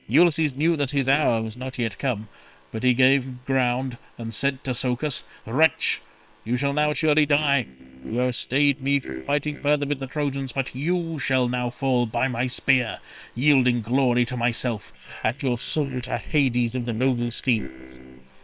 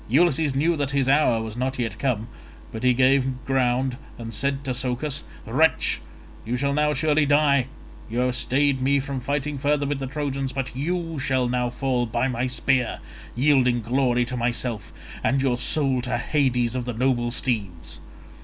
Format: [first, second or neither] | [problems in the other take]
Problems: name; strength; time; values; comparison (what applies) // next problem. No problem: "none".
second | noise reduction (neural separator model SepFormer WHAM!)